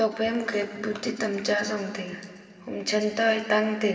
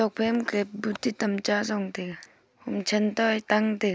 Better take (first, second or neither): second